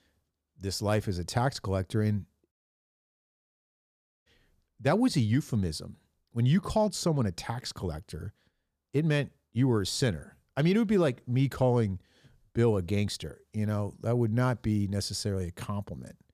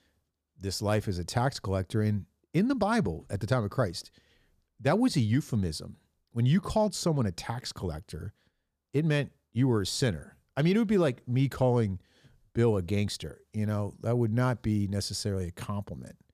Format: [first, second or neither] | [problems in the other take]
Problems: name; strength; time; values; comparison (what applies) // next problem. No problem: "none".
second | audio cutting out; at 2.5 s for 1.5 s